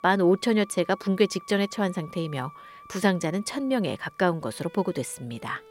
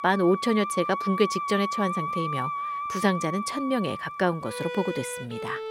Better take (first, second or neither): first